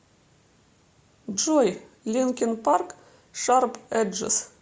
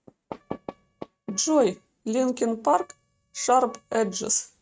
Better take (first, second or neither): first